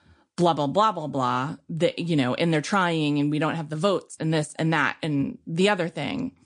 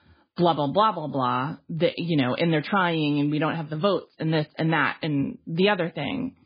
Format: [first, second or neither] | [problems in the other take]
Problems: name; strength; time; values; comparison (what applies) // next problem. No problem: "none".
first | garbled, watery; badly; nothing above 4 kHz; slightly in the first